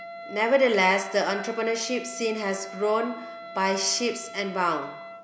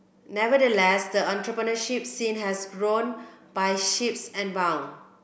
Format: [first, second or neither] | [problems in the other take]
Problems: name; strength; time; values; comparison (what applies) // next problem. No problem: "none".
second | background sound (Wind instrument, woodwind instrument); 14 dB below the speech